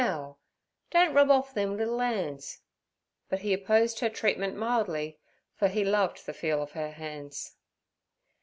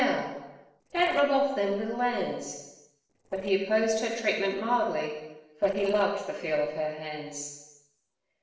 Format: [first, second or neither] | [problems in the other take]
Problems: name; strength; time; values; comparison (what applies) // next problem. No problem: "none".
first | noise reduction (neural separator model SepFormer DNS4)